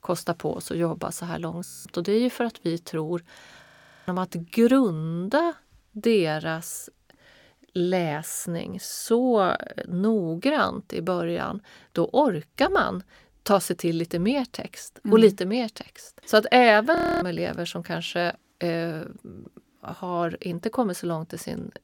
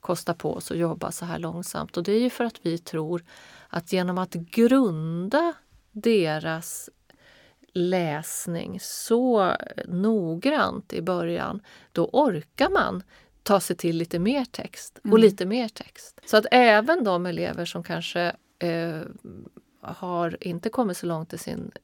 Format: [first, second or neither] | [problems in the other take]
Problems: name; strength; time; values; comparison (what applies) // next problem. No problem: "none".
second | audio freezing; at 1.5 s, at 3.5 s and at 17 s